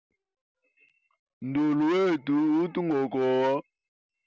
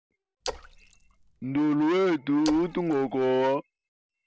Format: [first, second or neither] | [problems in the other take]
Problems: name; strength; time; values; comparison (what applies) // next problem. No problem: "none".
first | background sound (Splash, splatter); 14 dB below the speech